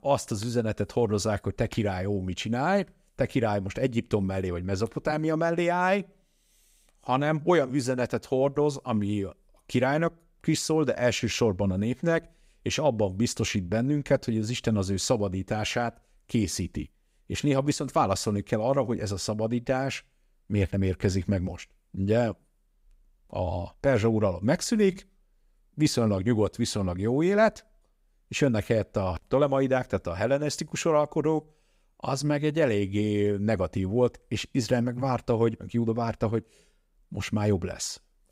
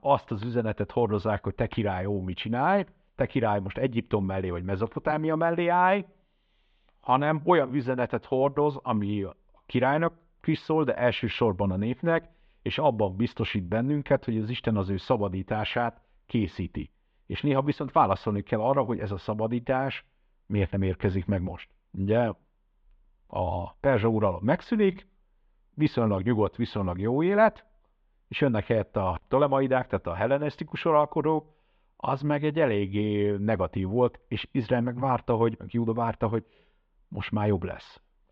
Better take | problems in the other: first | muffled; very; fading above 3.5 kHz

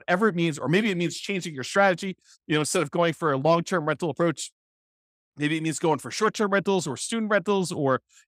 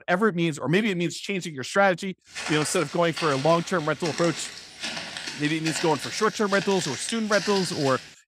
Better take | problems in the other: first | footsteps; noticeable; from 2.5 s on; peak 4 dB below the speech

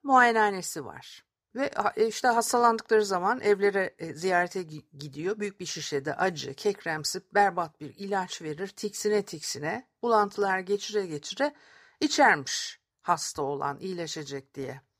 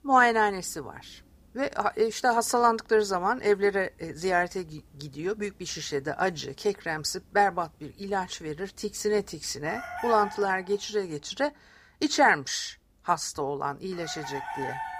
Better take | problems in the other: first | animal sounds; noticeable; throughout; 10 dB below the speech

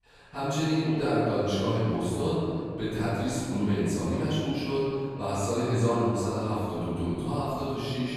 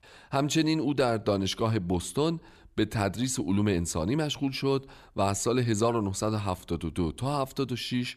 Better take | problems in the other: second | off-mic speech; far // room echo; strong; dies away in 2.4 s

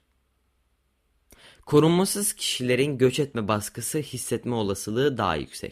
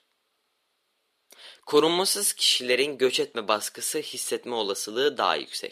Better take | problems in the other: first | thin; somewhat; fading below 500 Hz

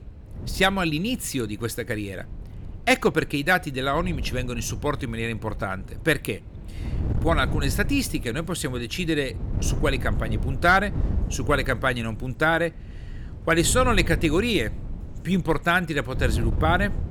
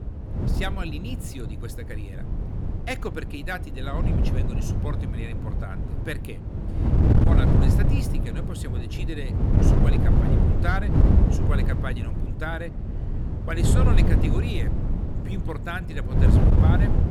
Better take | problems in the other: first | wind noise on the microphone; heavy; 1 dB above the speech; occasional gusts in the first

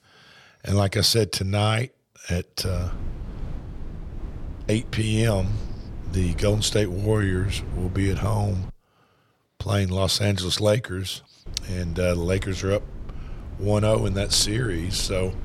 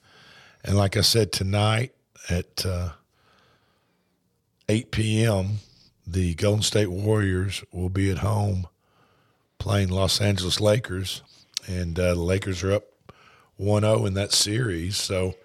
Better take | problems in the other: second | wind noise on the microphone; occasional gusts; from 2.5 to 8.5 s and from 11 s on; 20 dB below the speech

